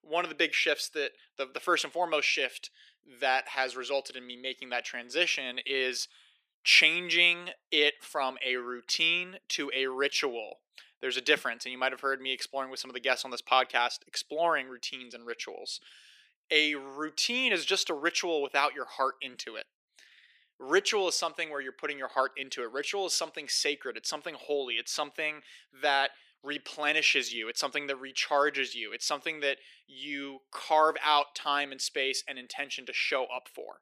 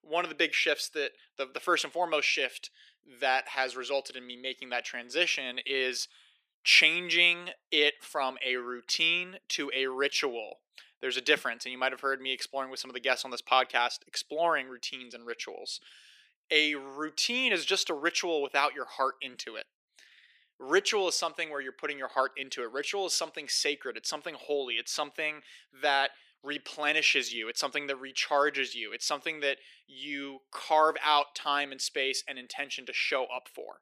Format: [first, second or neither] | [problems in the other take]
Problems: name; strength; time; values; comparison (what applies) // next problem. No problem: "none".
neither | thin; somewhat; fading below 350 Hz; the same in both